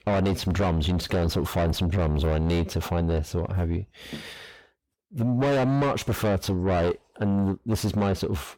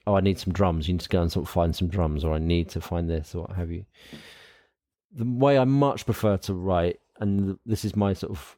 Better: second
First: distortion; heavy; 6 dB below the speech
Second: none

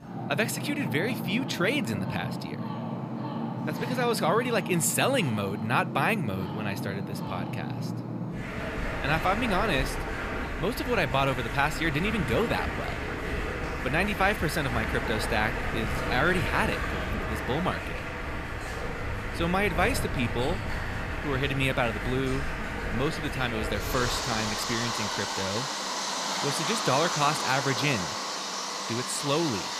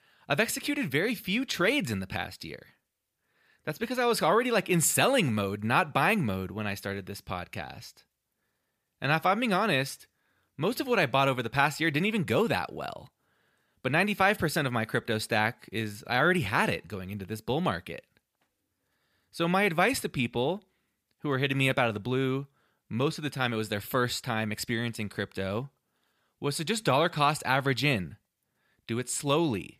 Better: second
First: rain or running water; loud; throughout; 3 dB below the speech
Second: none

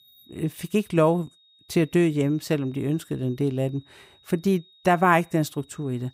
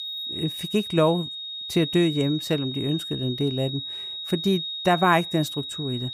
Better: first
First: high-pitched whine; faint; throughout; 4 kHz, 30 dB below the speech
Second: high-pitched whine; loud; throughout; 4 kHz, 6 dB below the speech

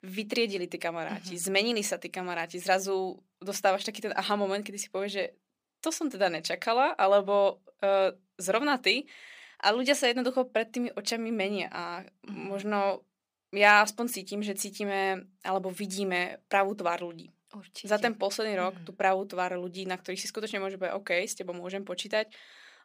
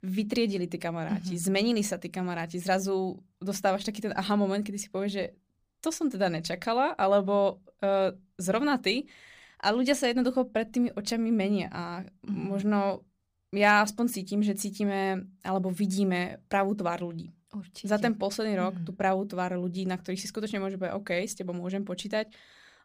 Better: second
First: thin; somewhat; fading below 350 Hz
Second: none

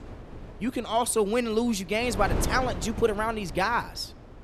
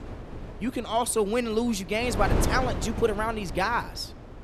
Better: first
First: wind noise on the microphone; occasional gusts; 15 dB below the speech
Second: wind noise on the microphone; heavy; 10 dB below the speech

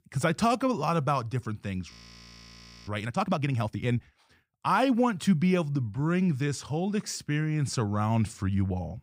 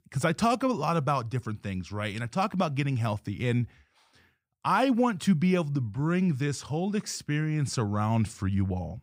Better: second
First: audio freezing; at 2 s for 1 s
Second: none

